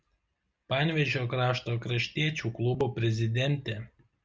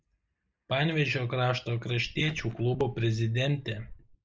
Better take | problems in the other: first | noise reduction (neural mask model Resemble Enhance denoiser)

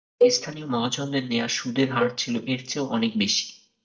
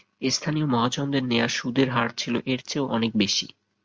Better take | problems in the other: second | noise reduction (neural mask model DeepFilterNet 3)

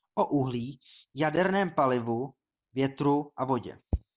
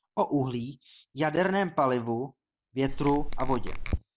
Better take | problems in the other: first | background sound (Squeak / Tools); as loud as the speech

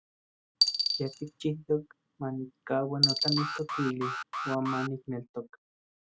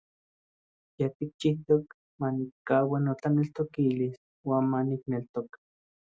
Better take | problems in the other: second | background sound (Coin (dropping) + Alarm); 1 dB above the speech

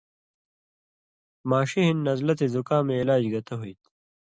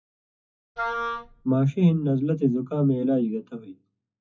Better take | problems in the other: first | noise reduction (classical method WPE with log-MMSE)

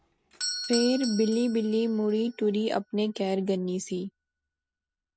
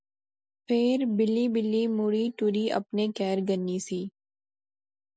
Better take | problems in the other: second | background sound (Doorbell); 12 dB below the speech

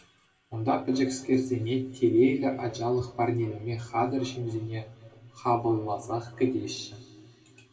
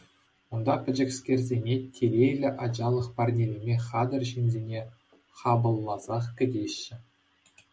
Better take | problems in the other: second | room echo; dies away in 1.7 s

